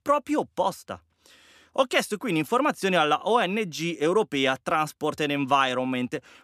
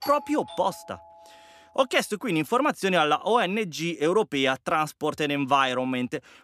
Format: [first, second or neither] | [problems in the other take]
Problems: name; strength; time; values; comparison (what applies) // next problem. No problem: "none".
first | doorbell; faint; until 1.5 s; peak 15 dB below the speech